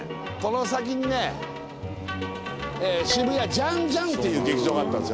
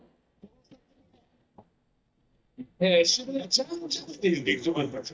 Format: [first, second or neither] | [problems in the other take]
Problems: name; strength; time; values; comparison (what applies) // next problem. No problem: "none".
first | noise reduction (neural mask model DeepFilterNet 3)